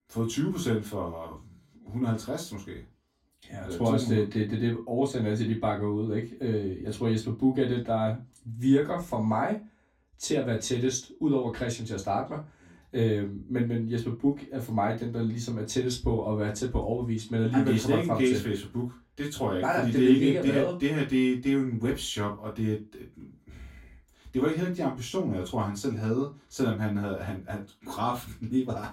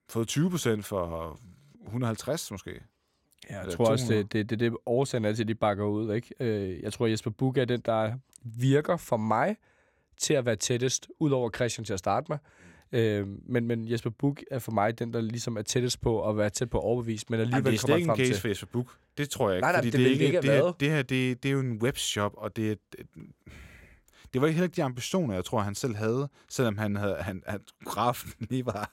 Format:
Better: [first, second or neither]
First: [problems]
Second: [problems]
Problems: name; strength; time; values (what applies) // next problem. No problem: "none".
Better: second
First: off-mic speech; far // room echo; very slight; dies away in 0.2 s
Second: none